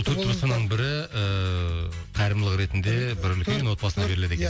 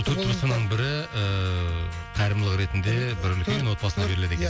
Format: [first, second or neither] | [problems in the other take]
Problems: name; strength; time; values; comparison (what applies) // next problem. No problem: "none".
first | background sound (Trumpet); 18 dB below the speech